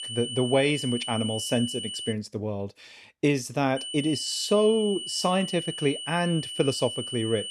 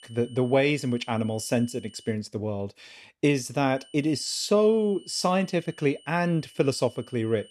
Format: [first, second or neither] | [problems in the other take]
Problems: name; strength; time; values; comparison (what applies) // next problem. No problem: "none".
second | high-pitched whine; loud; until 2 s and from 4 s on; 3 kHz, 7 dB below the speech; faint in the second